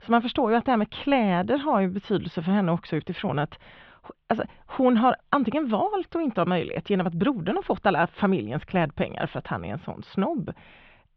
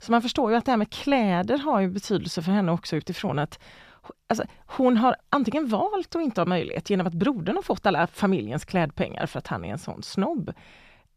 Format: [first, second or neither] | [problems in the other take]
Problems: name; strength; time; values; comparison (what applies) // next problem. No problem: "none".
second | muffled; very; fading above 3.5 kHz